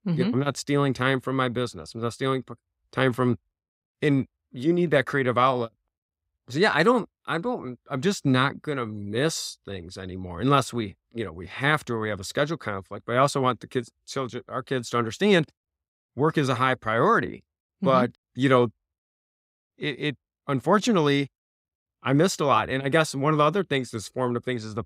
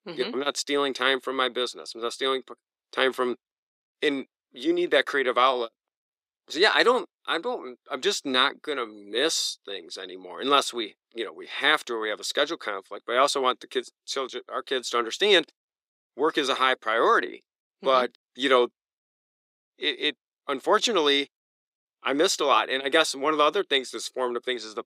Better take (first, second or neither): first